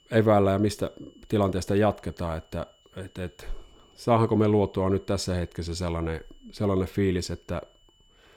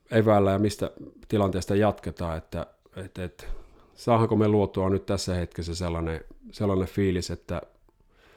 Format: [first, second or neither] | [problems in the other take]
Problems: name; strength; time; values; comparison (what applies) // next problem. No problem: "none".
second | high-pitched whine; faint; throughout; 3 kHz, 35 dB below the speech